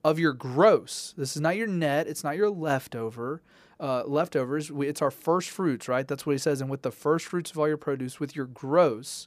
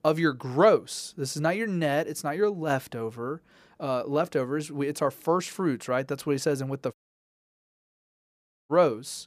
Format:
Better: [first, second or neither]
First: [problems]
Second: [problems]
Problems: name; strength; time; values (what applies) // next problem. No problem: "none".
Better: first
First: none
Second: audio cutting out; at 7 s for 1.5 s